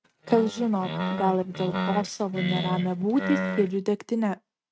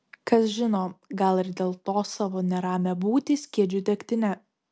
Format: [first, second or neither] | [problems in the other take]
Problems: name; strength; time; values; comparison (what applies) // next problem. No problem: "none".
second | noise reduction (neural mask model RNNoise)